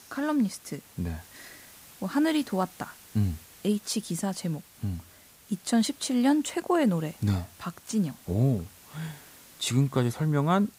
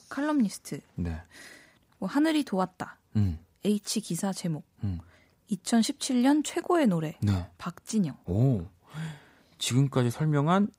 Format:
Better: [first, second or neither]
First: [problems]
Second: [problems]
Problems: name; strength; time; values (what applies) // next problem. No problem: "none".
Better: second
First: hiss; faint; throughout; 20 dB below the speech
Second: none